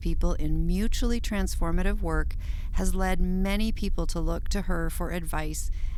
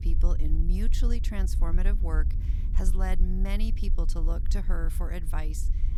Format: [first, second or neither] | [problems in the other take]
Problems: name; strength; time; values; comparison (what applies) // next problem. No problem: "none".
first | low rumble; loud; throughout; 10 dB below the speech; faint in the first